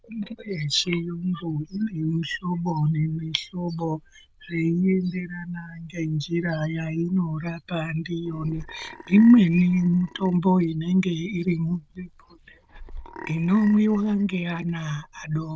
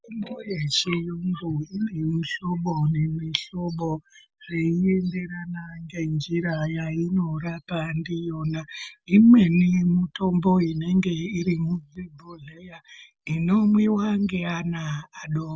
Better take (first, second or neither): second